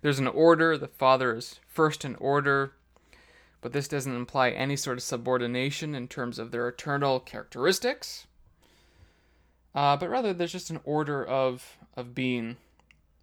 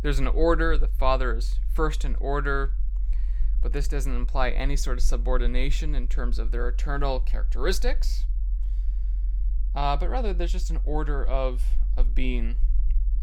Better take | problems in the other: first | low rumble; faint; throughout; 25 dB below the speech

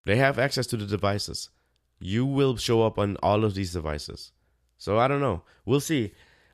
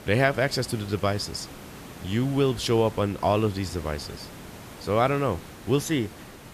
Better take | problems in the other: first | hiss; noticeable; throughout; 15 dB below the speech

